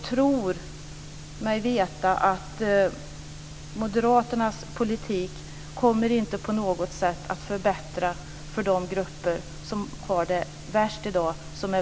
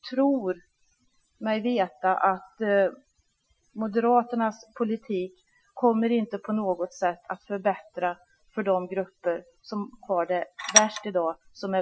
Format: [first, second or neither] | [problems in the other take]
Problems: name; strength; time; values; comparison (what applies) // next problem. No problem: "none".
first | noise reduction (classical method Wiener filter)